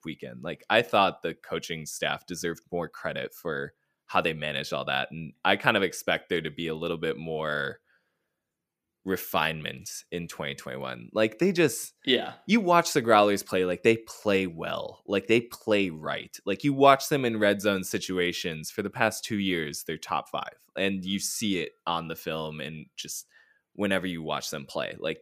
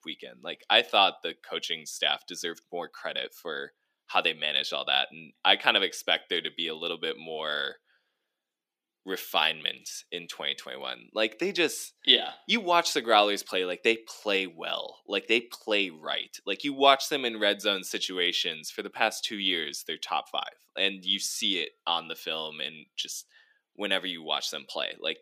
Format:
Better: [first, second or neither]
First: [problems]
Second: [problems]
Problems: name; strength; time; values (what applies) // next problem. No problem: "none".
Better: first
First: none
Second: thin; very slightly; fading below 250 Hz